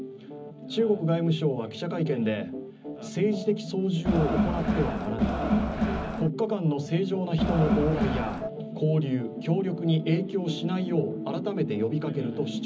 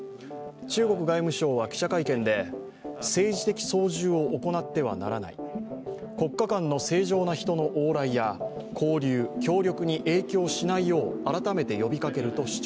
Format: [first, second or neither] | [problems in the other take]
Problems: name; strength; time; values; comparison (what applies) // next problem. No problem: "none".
second | background sound (Crowd); as loud as the speech // room echo; dies away in 0.4 s